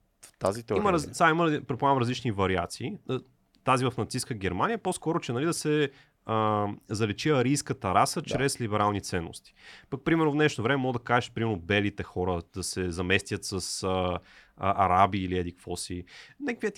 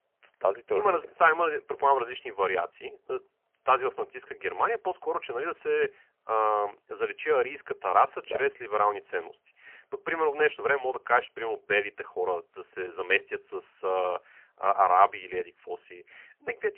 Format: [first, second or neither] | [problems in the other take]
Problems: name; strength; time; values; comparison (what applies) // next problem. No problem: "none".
first | phone-call audio; poor line; nothing above 3 kHz